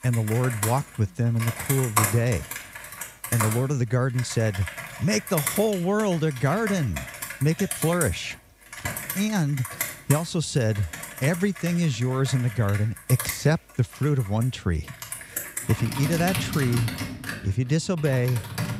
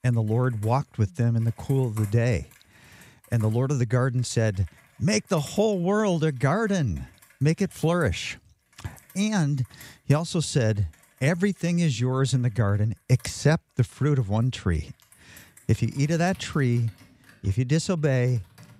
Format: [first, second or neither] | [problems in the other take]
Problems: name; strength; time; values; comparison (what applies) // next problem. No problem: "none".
second | household noises; loud; throughout; 6 dB below the speech; faint in the second